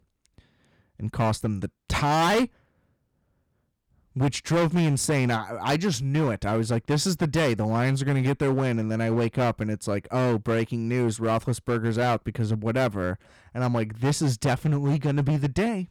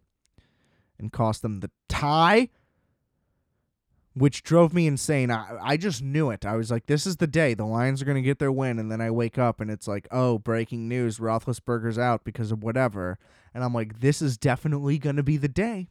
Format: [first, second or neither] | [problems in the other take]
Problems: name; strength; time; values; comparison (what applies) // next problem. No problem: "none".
second | distortion; heavy; 12% of the sound clipped